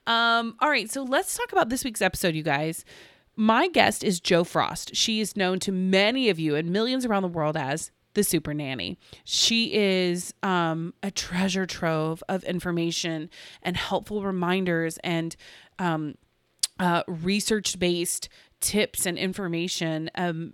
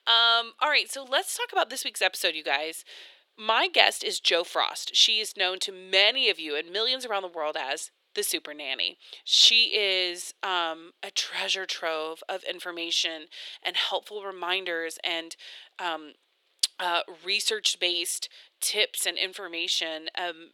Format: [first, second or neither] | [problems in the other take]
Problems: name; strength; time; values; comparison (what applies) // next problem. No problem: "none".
first | thin; very; fading below 400 Hz